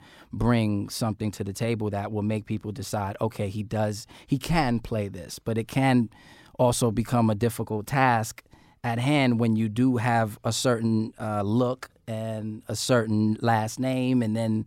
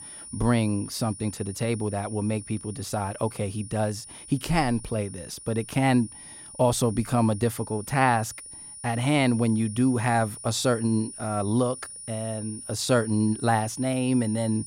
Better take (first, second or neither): first